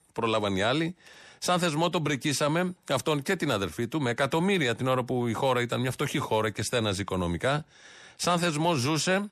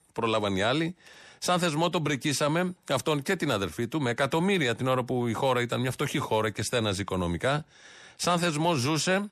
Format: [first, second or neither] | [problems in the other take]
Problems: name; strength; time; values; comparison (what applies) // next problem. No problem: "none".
neither | none